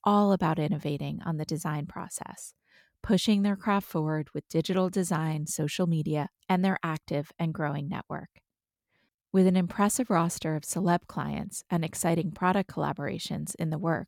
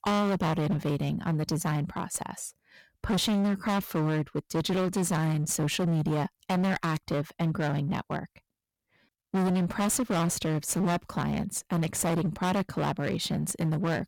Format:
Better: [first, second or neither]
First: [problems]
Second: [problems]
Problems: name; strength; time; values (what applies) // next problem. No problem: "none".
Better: first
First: none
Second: distortion; heavy; 23% of the sound clipped